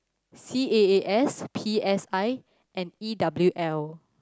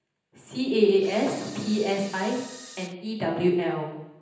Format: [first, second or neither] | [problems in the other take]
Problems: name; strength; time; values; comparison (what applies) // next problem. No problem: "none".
first | background sound (Camera); 17 dB below the speech // room echo; dies away in 0.9 s